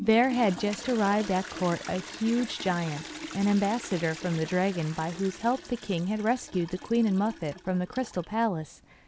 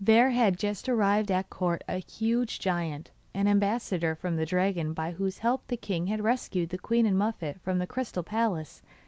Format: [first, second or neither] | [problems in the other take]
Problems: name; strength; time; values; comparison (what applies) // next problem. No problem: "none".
second | background sound (Toilet flush); 15 dB below the speech